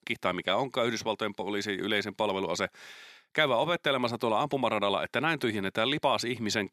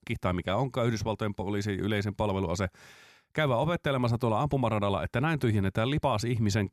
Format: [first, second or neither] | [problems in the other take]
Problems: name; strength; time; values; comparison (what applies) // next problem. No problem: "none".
second | thin; somewhat; fading below 250 Hz